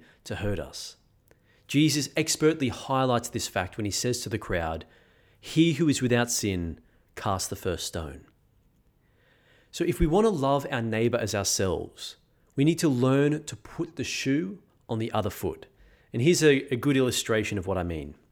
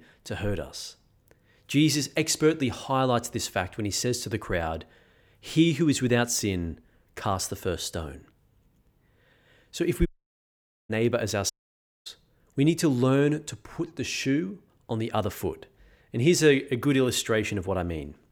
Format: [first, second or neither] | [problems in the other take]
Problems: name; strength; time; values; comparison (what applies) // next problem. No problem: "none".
first | audio cutting out; at 10 s for 1 s and at 12 s for 0.5 s